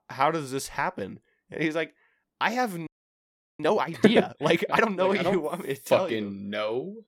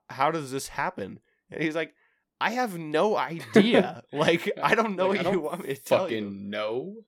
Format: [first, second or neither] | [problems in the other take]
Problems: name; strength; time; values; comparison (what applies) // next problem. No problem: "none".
second | audio freezing; at 3 s for 0.5 s